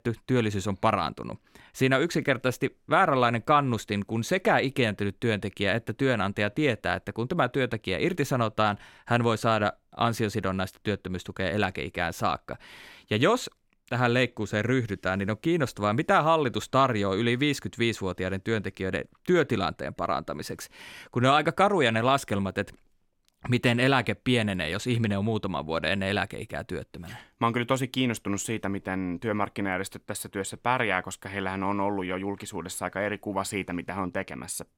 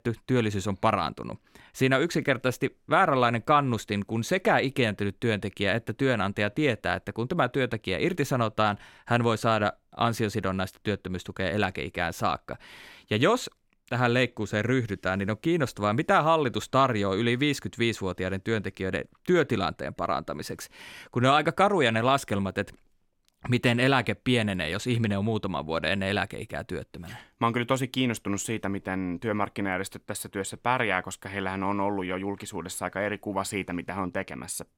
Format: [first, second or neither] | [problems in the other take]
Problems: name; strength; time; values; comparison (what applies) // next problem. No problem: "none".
neither | none